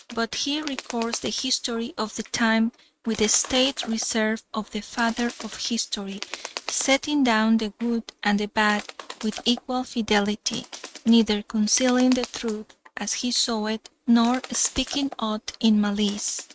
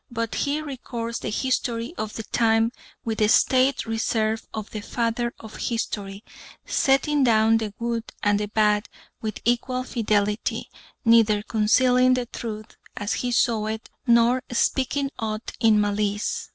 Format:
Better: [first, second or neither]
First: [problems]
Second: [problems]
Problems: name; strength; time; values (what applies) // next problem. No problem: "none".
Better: second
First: noise reduction (neural mask model RNNoise)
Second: none